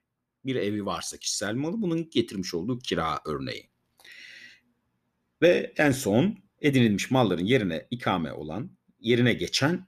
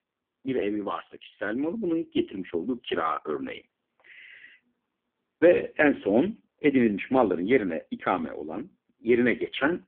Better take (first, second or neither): first